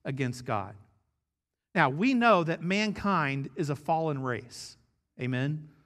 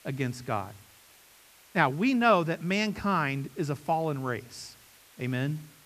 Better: first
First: none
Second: hiss; faint; throughout; 25 dB below the speech

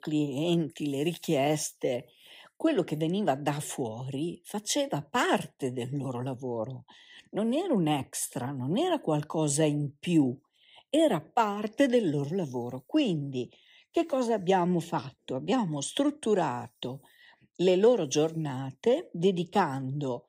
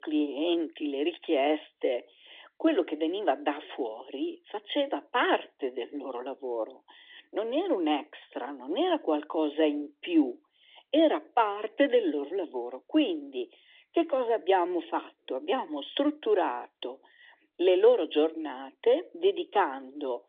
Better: first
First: none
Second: phone-call audio; nothing above 3.5 kHz

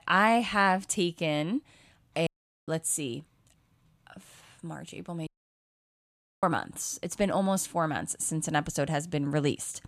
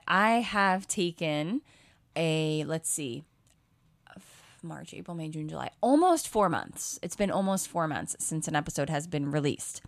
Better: second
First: audio cutting out; at 2.5 s and at 5.5 s for 1 s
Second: none

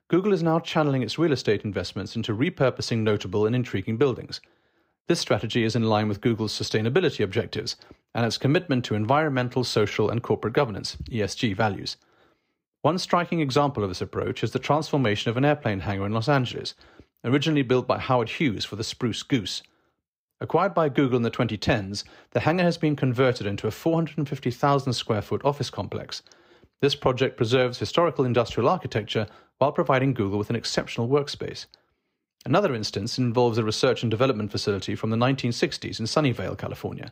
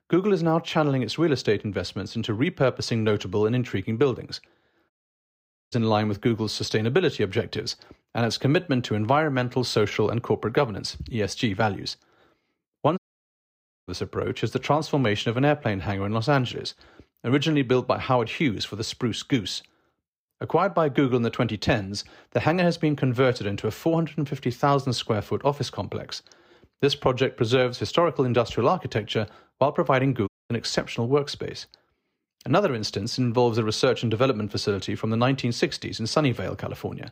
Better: first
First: none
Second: audio cutting out; at 5 s for 1 s, at 13 s for 1 s and at 30 s

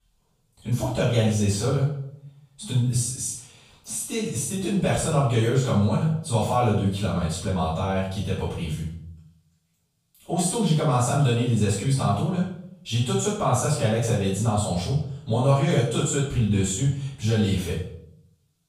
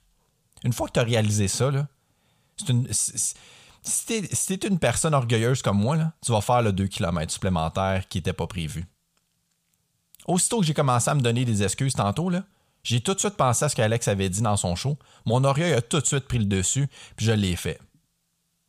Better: second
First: off-mic speech; far // room echo; noticeable; dies away in 0.6 s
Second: none

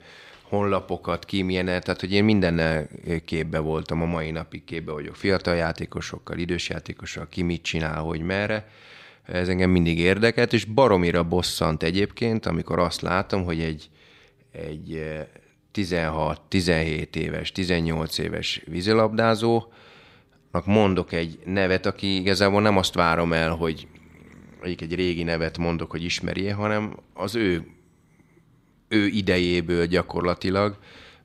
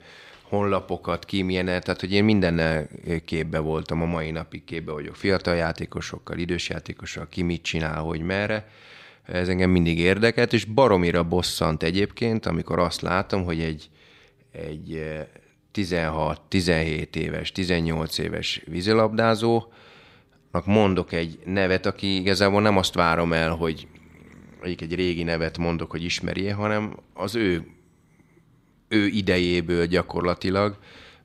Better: neither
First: none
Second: none

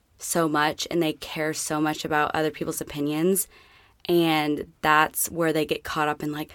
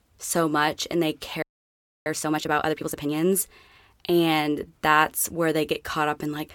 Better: first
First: none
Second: audio freezing; at 1.5 s for 0.5 s

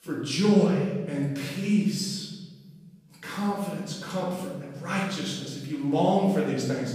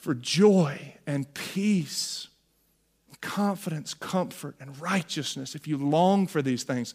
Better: second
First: room echo; noticeable; dies away in 1.2 s // off-mic speech; far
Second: none

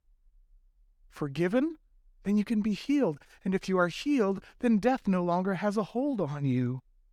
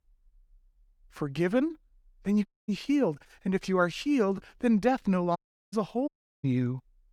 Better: first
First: none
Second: audio cutting out; at 2.5 s, at 5.5 s and at 6 s

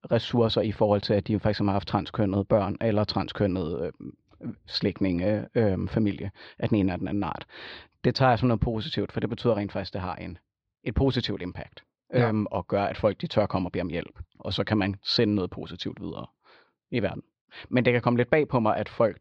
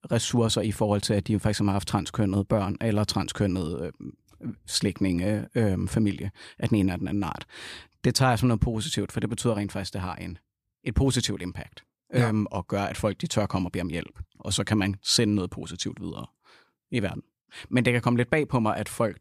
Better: second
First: muffled; very slightly; fading above 4.5 kHz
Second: none

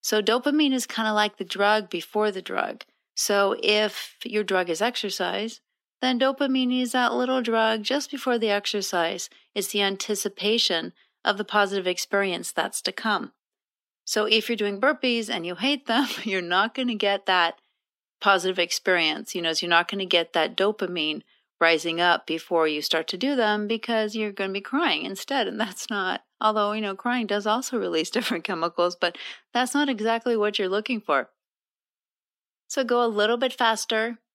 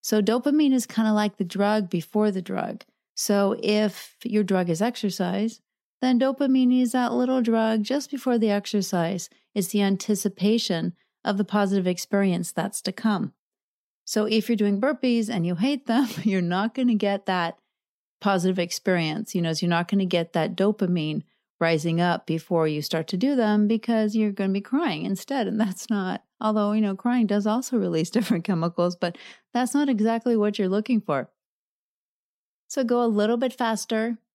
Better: second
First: thin; somewhat; fading below 300 Hz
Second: none

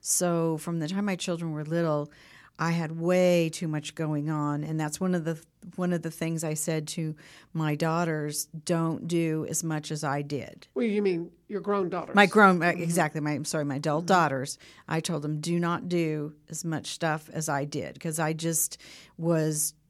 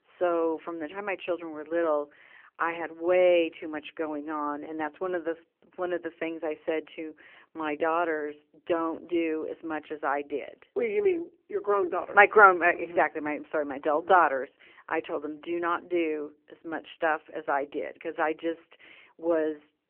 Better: first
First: none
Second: phone-call audio; nothing above 3 kHz

